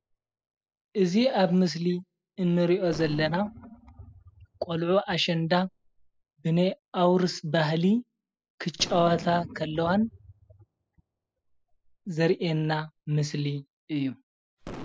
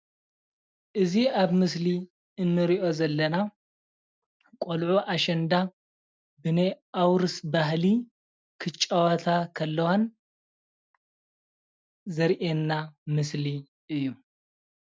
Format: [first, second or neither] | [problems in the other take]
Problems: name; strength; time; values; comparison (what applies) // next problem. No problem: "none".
second | noise reduction (classical method spectral subtraction)